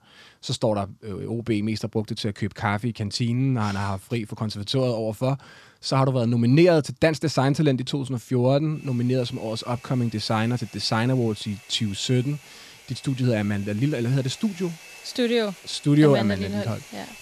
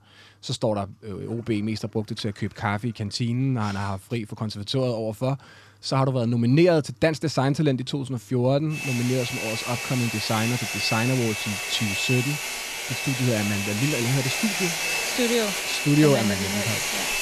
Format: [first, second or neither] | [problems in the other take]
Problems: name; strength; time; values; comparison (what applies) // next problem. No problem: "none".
first | household noises; loud; throughout; 1 dB below the speech; faint in the first